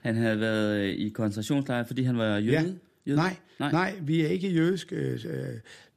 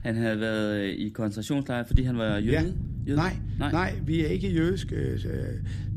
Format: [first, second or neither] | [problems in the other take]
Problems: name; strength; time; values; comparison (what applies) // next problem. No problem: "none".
first | low rumble; noticeable; throughout; 15 dB below the speech